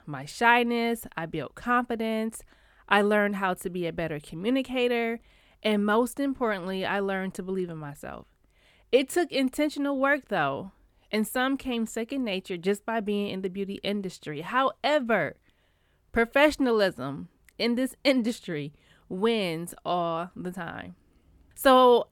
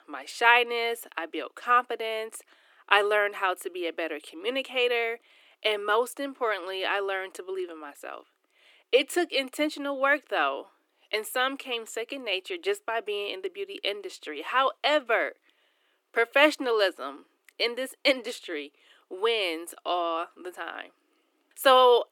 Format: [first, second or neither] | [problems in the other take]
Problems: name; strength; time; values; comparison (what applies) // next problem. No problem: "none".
first | thin; somewhat; fading below 300 Hz